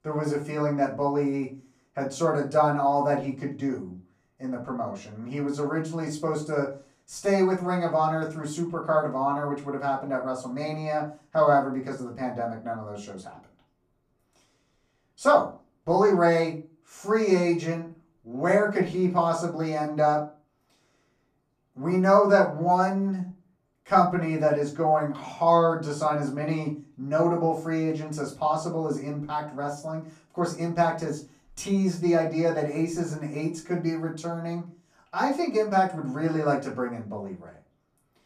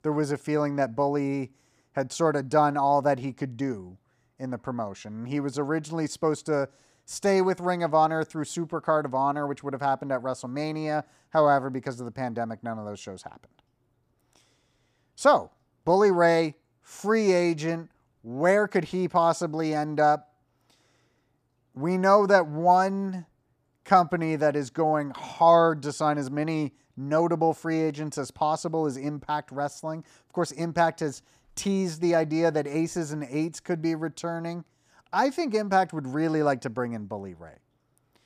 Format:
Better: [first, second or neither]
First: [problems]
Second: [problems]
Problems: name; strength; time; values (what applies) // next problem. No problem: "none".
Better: second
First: off-mic speech; far // room echo; slight; dies away in 0.3 s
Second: none